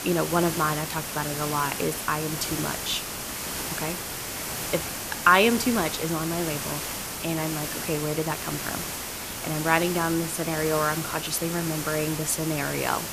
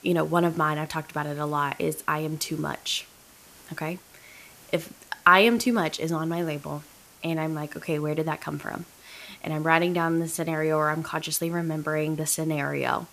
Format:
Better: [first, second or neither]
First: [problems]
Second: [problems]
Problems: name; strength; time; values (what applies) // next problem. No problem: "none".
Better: second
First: hiss; loud; throughout; 4 dB below the speech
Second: hiss; faint; throughout; 25 dB below the speech